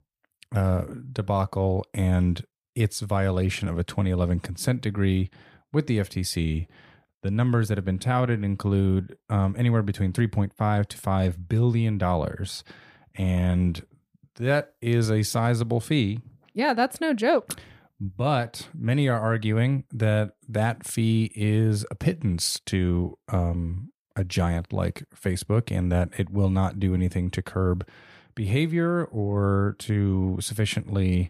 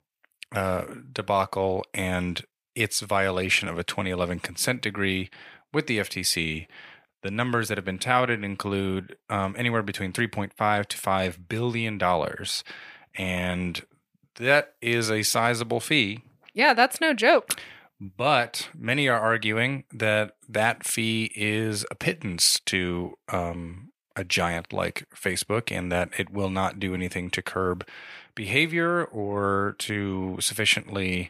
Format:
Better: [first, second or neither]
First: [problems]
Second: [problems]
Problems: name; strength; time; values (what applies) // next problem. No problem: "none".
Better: first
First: none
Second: thin; somewhat; fading below 700 Hz